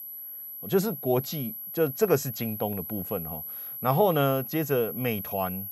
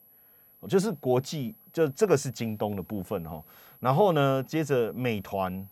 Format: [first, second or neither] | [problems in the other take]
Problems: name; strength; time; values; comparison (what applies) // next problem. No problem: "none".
second | high-pitched whine; loud; throughout; 11.5 kHz, 7 dB below the speech; faint in the second